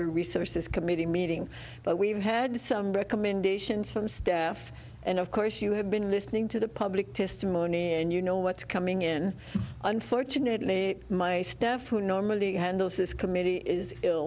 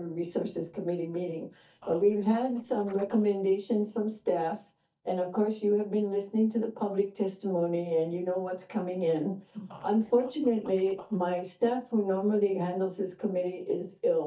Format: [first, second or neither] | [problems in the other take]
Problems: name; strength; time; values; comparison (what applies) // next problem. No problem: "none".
first | noise reduction (neural mask model DeepFilterNet 3)